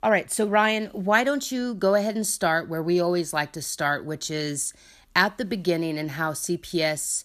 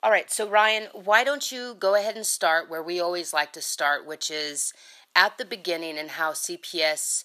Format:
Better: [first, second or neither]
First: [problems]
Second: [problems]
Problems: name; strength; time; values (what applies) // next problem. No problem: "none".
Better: first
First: none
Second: thin; very; fading below 600 Hz